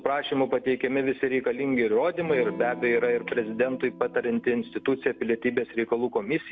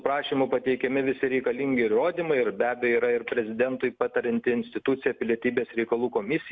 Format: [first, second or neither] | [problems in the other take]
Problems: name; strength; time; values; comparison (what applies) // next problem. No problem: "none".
second | background sound (Electric guitar / Strum); 18 dB below the speech